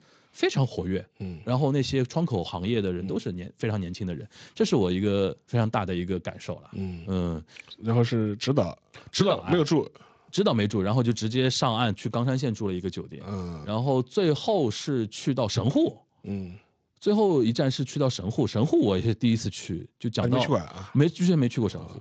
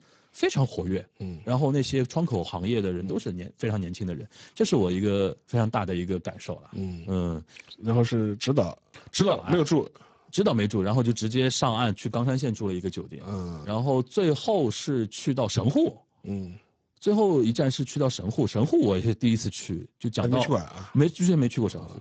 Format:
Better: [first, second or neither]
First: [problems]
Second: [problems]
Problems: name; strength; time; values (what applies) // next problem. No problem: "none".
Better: first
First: garbled, watery; slightly; nothing above 7.5 kHz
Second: garbled, watery; badly; nothing above 7.5 kHz